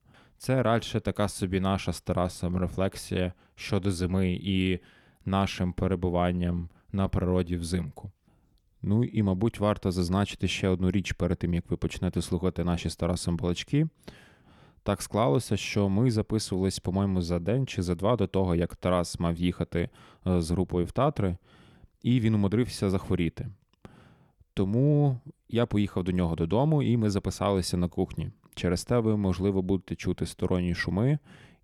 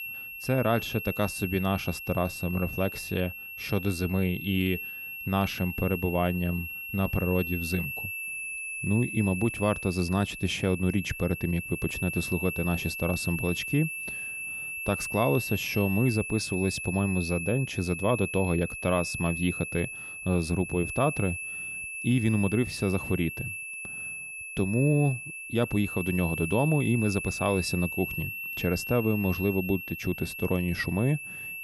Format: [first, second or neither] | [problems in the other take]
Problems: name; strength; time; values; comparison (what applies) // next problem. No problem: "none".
first | high-pitched whine; loud; throughout; 2.5 kHz, 6 dB below the speech